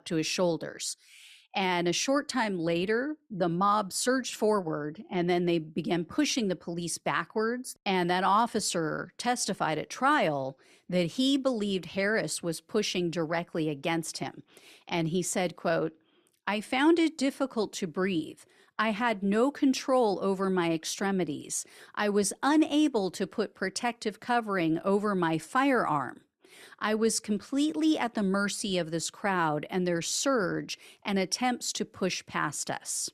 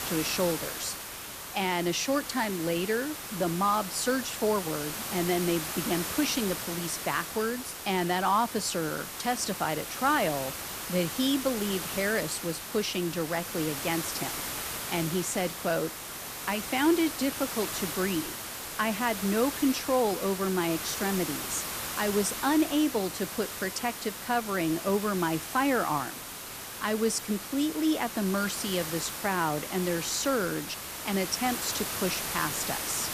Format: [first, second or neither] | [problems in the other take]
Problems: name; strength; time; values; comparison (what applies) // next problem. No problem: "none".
first | hiss; loud; throughout; 5 dB below the speech